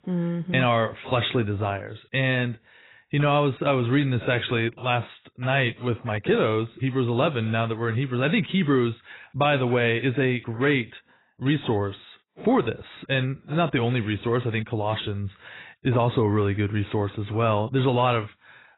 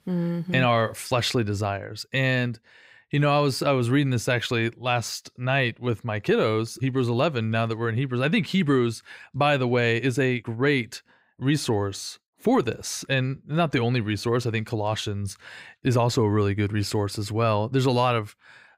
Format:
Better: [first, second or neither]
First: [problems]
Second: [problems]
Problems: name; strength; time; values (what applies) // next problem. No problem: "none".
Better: second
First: garbled, watery; badly; nothing above 4 kHz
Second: none